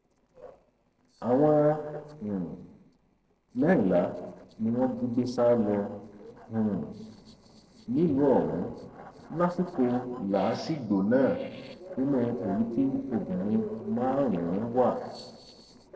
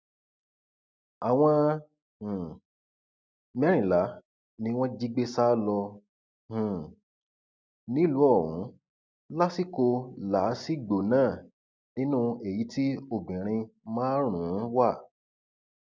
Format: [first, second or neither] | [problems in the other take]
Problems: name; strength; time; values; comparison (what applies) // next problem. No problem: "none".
second | noise reduction (neural separator model SepFormer DNS4)